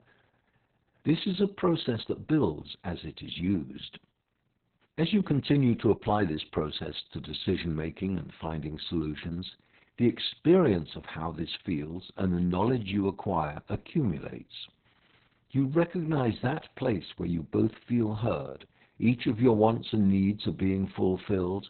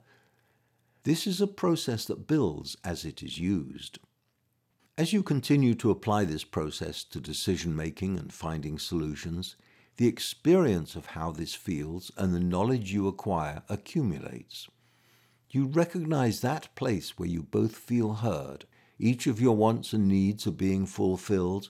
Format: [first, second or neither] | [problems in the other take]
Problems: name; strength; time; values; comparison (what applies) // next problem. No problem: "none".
second | garbled, watery; badly; nothing above 4 kHz